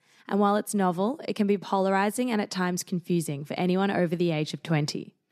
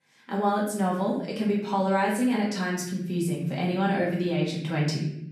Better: first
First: none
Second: room echo; noticeable; dies away in 0.8 s // off-mic speech; far

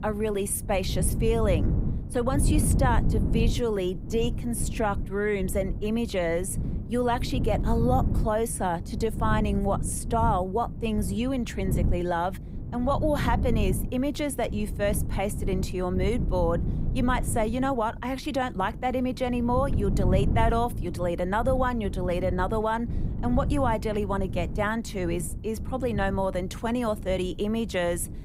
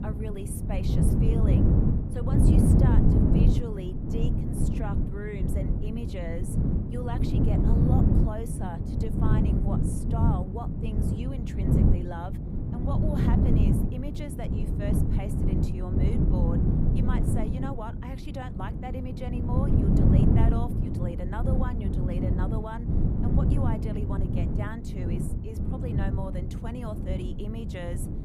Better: first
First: wind noise on the microphone; occasional gusts; 15 dB below the speech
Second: wind noise on the microphone; heavy; 3 dB above the speech

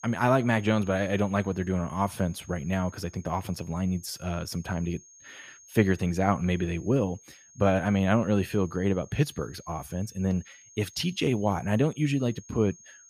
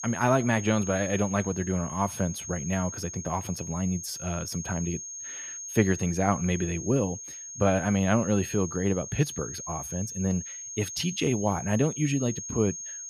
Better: first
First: high-pitched whine; faint; throughout; 6.5 kHz, 25 dB below the speech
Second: high-pitched whine; loud; throughout; 6.5 kHz, 8 dB below the speech

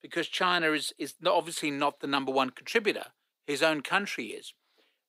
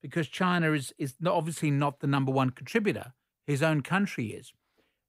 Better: second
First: thin; somewhat; fading below 300 Hz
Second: none

